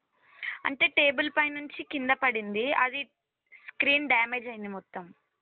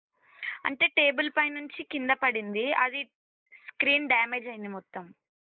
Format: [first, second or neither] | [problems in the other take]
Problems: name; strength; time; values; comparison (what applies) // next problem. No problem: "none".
first | noise reduction (neural mask model Resemble Enhance denoiser)